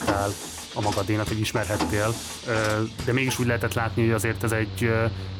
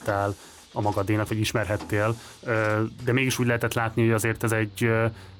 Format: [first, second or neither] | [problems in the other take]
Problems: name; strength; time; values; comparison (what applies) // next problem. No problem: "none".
second | machinery noise; loud; throughout; 7 dB below the speech; faint in the second